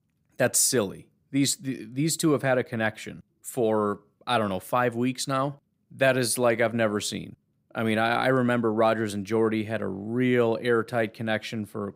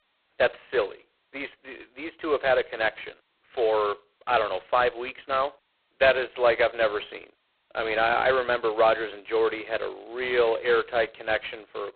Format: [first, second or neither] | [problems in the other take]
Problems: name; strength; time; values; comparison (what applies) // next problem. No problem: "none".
first | phone-call audio; poor line; nothing above 4 kHz